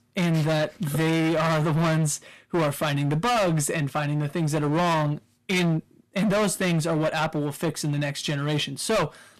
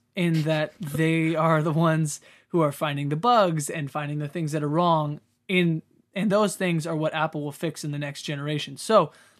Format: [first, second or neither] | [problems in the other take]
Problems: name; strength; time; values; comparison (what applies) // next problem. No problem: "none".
second | distortion; heavy; 24% of the sound clipped